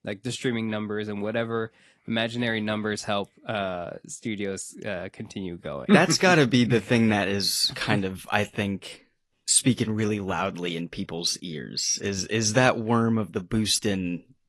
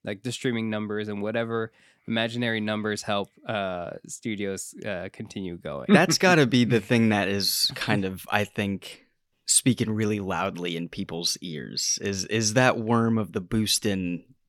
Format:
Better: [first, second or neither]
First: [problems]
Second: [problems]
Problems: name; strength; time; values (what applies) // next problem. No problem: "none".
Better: second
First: garbled, watery; slightly; nothing above 11.5 kHz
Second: none